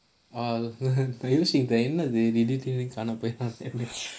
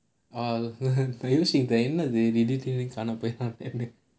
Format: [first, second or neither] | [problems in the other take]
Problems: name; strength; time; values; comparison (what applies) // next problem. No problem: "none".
second | noise reduction (neural mask model Resemble Enhance denoiser)